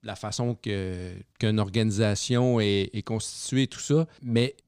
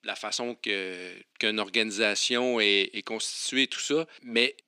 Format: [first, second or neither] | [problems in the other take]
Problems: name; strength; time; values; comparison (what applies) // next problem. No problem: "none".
first | thin; somewhat; fading below 250 Hz